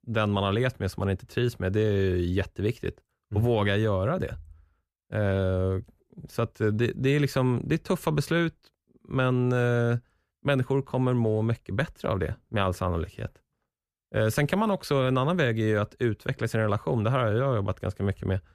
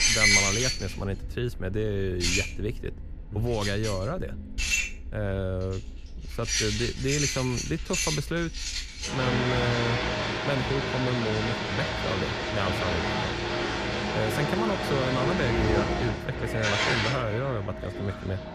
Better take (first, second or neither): first